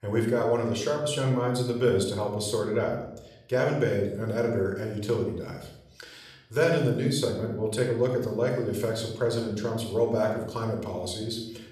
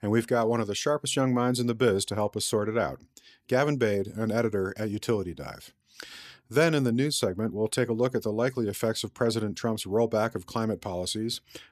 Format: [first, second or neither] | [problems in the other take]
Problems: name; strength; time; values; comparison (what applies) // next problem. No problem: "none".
second | off-mic speech; somewhat distant // room echo; noticeable; dies away in 0.7 s